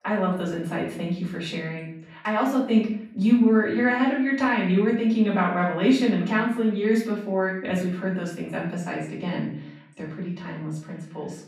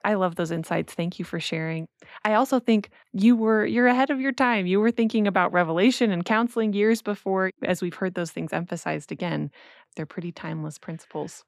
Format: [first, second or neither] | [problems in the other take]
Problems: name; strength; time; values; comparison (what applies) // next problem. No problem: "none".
second | off-mic speech; far // room echo; noticeable; dies away in 0.6 s